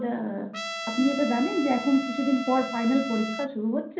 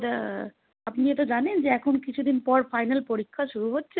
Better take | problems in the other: second | background sound (Trumpet); 9 dB below the speech // room echo; dies away in 0.6 s

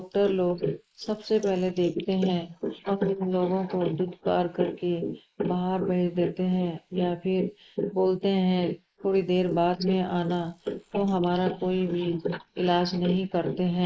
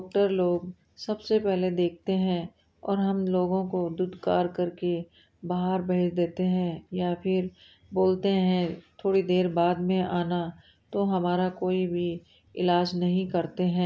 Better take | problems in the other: second | noise reduction (neural mask model Resemble Enhance denoiser)

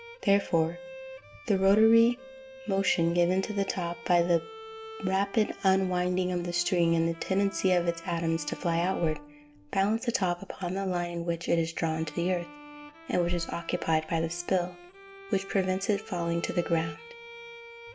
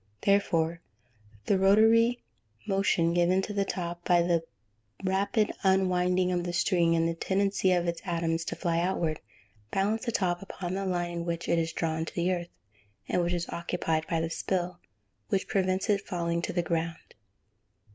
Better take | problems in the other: second | background sound (Bowed string instrument); 18 dB below the speech // room echo; dies away in 0.4 s

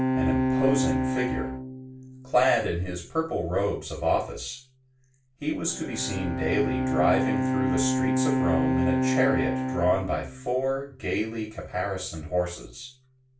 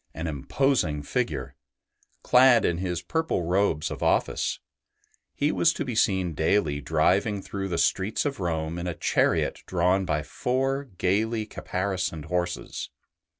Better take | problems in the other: second | background sound (Bowed string instrument); 1 dB below the speech // room echo; dies away in 0.3 s

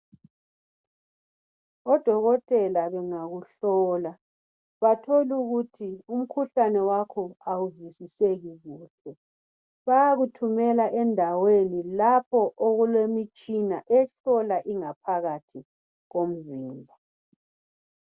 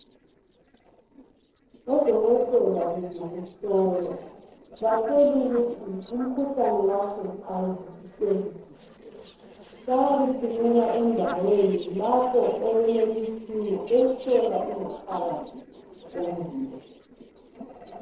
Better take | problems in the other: first | noise reduction (neural separator model SepFormer DNS4)

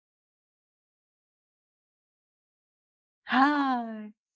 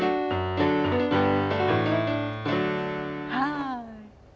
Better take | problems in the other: second | noise reduction (neural mask model Resemble Enhance denoiser)

